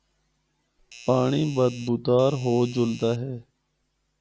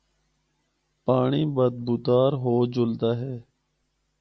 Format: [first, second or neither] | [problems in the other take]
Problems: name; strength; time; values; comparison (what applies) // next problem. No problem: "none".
second | background sound (Doorbell); 19 dB below the speech